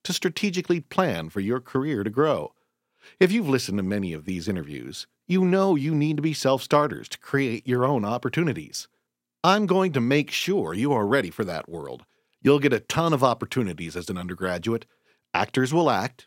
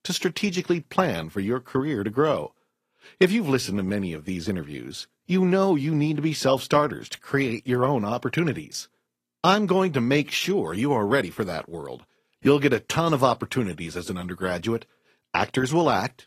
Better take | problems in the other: first | garbled, watery; slightly; nothing above 14.5 kHz

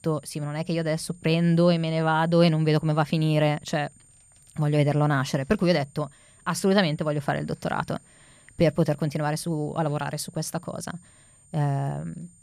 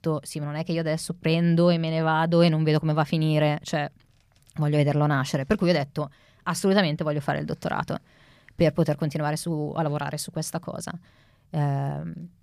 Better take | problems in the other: second | high-pitched whine; faint; throughout; 8.5 kHz, 30 dB below the speech

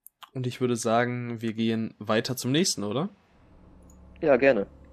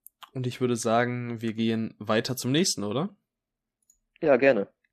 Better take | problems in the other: second | traffic noise; faint; throughout; 30 dB below the speech

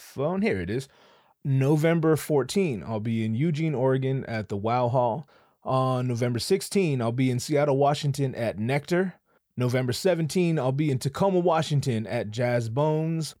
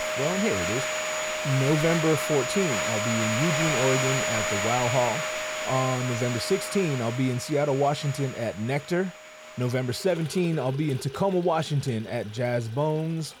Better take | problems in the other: first | household noises; loud; throughout; 1 dB below the speech

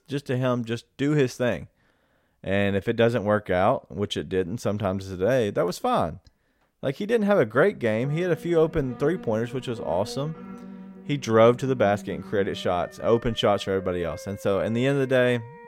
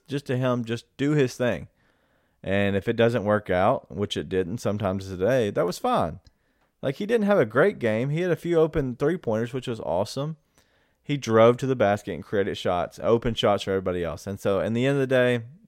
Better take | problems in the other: second | background music; noticeable; from 8 s on; 20 dB below the speech

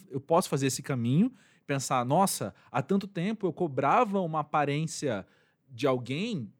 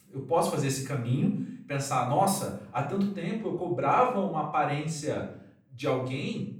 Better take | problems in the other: first | off-mic speech; far // room echo; noticeable; dies away in 0.5 s

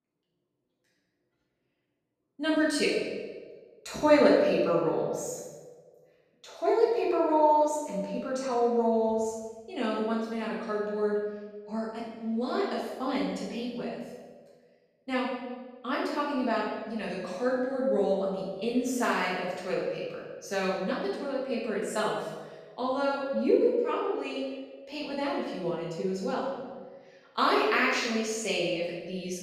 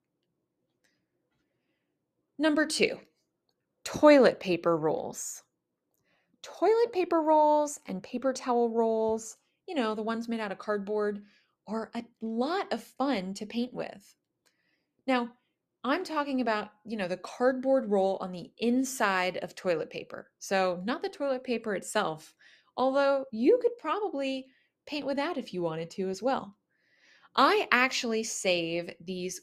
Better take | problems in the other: second | room echo; noticeable; dies away in 1.1 s // off-mic speech; far

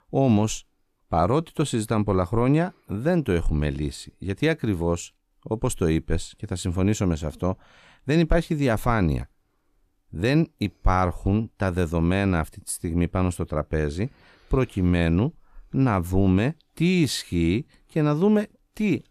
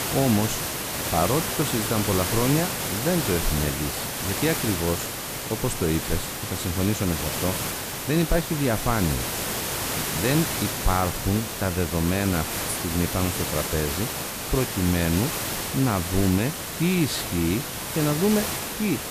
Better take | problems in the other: first | hiss; loud; throughout; 2 dB below the speech

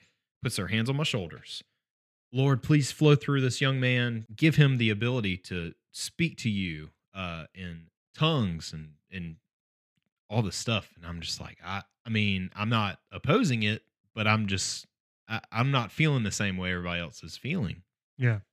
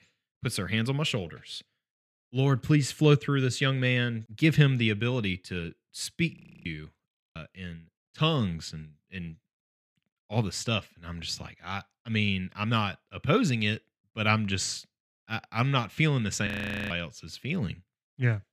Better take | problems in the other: first | audio freezing; at 6.5 s, at 7 s and at 16 s

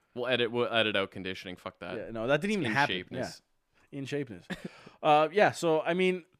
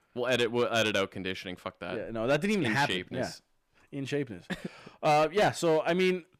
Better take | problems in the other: first | distortion; slight; 5% of the sound clipped

